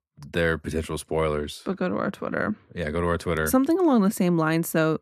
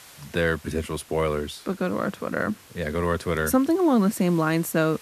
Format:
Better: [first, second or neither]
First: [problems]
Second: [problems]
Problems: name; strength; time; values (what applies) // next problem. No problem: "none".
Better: first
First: none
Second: hiss; faint; throughout; 25 dB below the speech